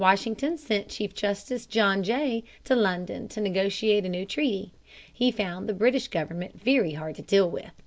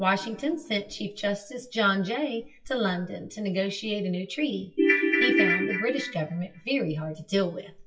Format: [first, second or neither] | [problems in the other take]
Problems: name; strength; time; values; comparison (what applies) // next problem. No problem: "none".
first | noise reduction (classical method WPE with log-MMSE)